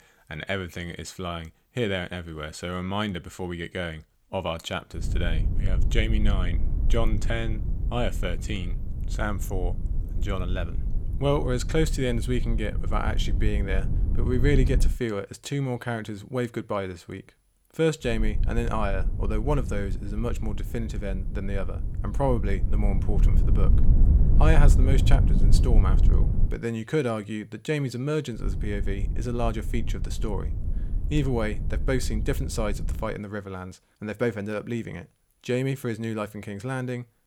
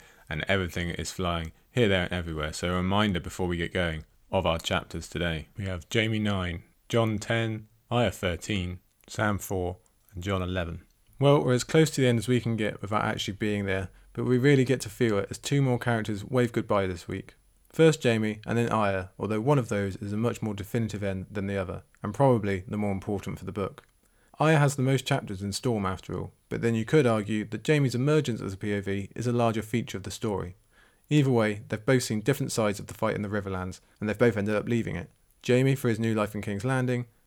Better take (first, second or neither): second